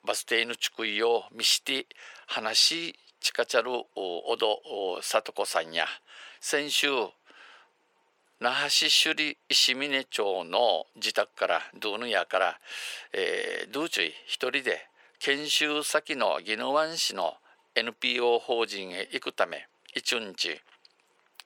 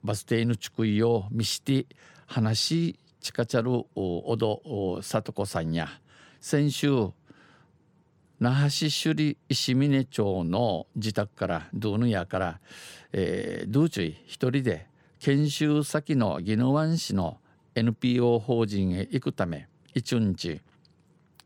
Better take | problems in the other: second | thin; very; fading below 550 Hz

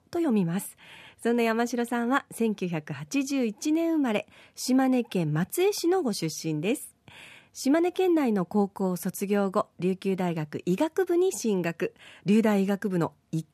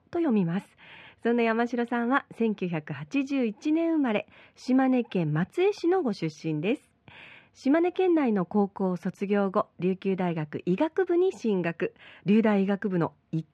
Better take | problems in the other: first | muffled; slightly; fading above 2.5 kHz

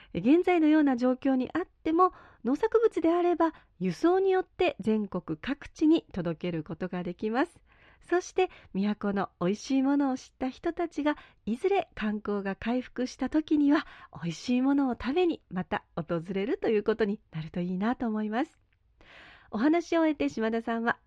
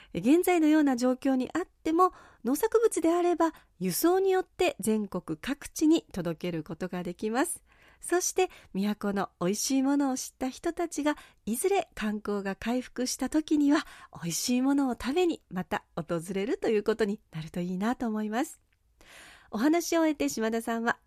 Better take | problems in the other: second | muffled; slightly; fading above 3.5 kHz

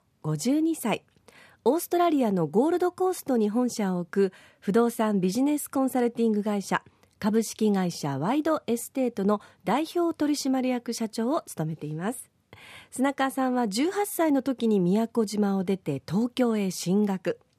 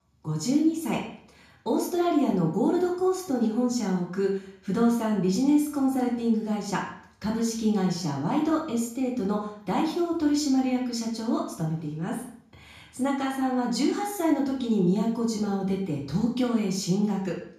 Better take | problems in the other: first | room echo; noticeable; dies away in 0.5 s // off-mic speech; far

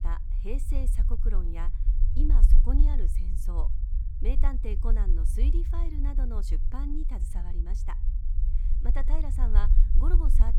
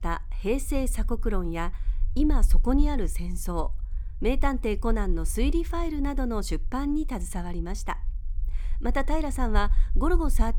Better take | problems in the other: second | low rumble; loud; throughout; 7 dB below the speech; faint in the second

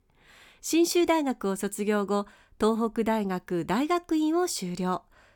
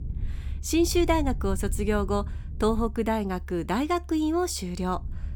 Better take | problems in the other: first | low rumble; faint; throughout; 25 dB below the speech

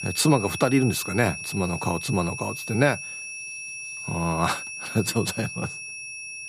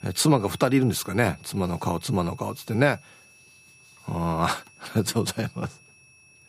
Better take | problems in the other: second | high-pitched whine; loud; throughout; 2.5 kHz, 8 dB below the speech; faint in the second

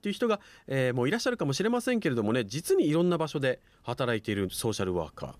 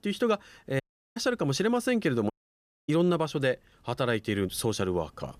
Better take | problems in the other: first | audio cutting out; at 1 s and at 2.5 s for 0.5 s

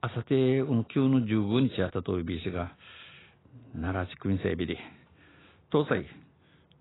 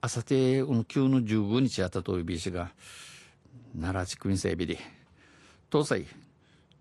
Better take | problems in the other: second | garbled, watery; badly; nothing above 4 kHz; slightly in the second

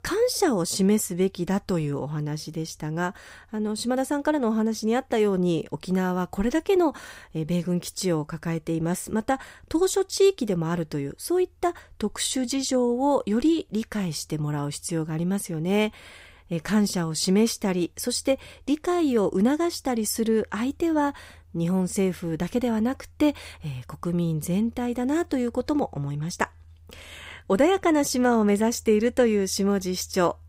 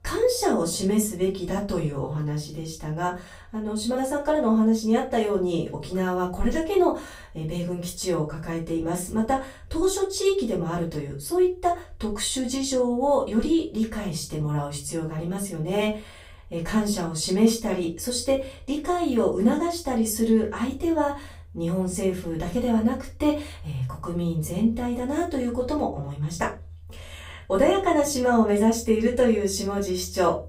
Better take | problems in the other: first | off-mic speech; far // room echo; slight; dies away in 0.3 s

